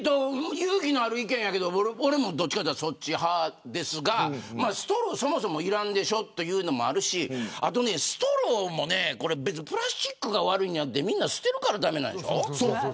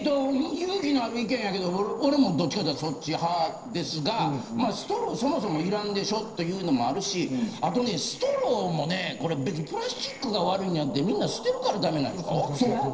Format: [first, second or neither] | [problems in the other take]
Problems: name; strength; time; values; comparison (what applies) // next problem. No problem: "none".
first | noise reduction (neural separator model SepFormer DNS4)